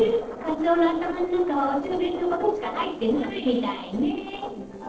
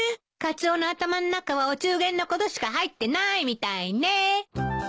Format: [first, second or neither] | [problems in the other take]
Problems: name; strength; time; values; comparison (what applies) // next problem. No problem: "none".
second | noise reduction (neural separator model SepFormer DNS4)